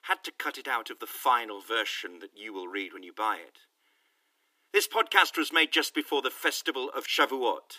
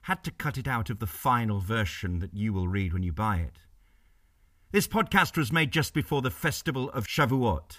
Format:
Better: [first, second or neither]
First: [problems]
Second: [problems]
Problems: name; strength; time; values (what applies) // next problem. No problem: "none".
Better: second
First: thin; very; fading below 300 Hz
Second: none